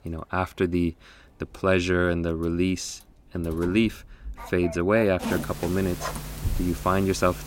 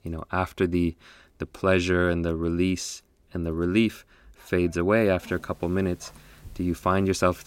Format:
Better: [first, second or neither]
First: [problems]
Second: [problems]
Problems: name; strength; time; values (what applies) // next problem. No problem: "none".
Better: second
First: household noises; loud; throughout; 10 dB below the speech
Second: household noises; faint; throughout; 25 dB below the speech